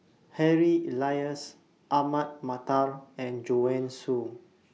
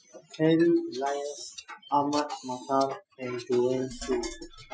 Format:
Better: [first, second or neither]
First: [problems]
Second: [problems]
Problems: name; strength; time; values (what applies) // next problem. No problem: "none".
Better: first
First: none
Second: noise reduction (classical method Wiener filter)